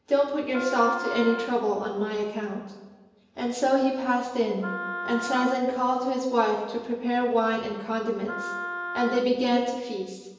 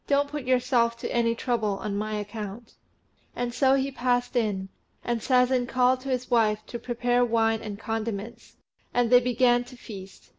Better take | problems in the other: second | background sound (Wind instrument, woodwind instrument); 10 dB below the speech // room echo; dies away in 1 s

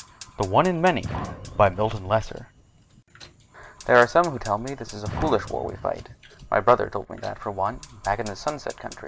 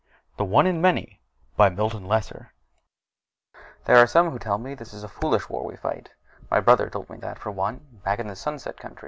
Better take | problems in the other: second | background sound (Fire); 15 dB below the speech

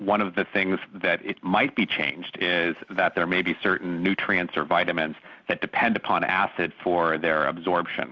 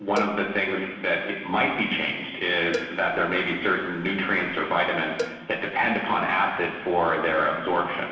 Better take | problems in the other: first | background sound (Cowbell); 15 dB below the speech // room echo; dies away in 1.3 s

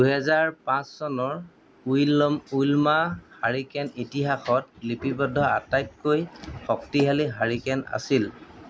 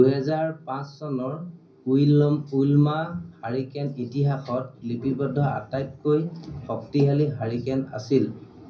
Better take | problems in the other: first | room echo; dies away in 0.5 s

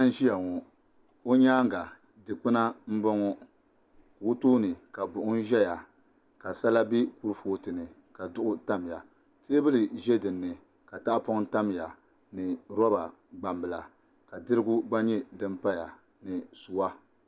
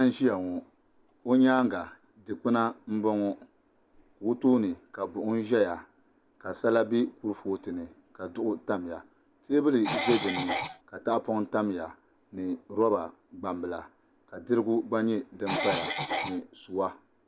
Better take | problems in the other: first | background sound (Cough); 2 dB below the speech

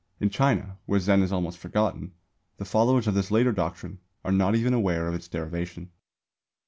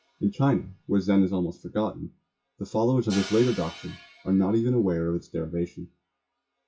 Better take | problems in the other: first | noise reduction (classical method WPE with log-MMSE)

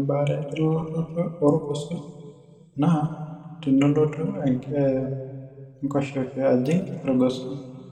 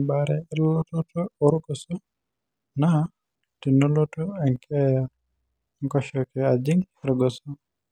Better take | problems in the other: second | room echo; dies away in 1.6 s

